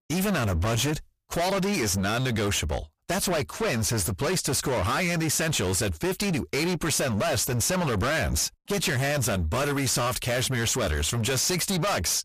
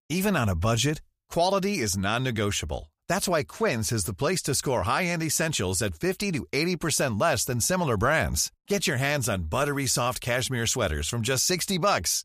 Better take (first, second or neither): second